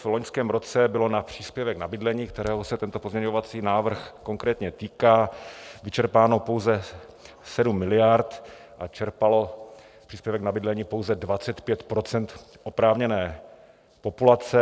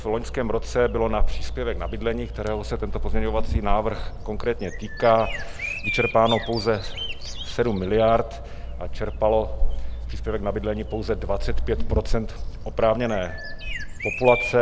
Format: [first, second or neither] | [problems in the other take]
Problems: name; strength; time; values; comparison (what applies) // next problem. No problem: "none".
first | background sound (Bird vocalization, bird call, bird song); 1 dB below the speech